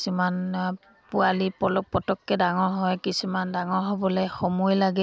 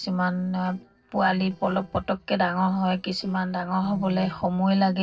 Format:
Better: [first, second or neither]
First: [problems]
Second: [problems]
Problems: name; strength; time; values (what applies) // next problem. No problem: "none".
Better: first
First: none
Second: noise reduction (neural separator model SepFormer DNS4)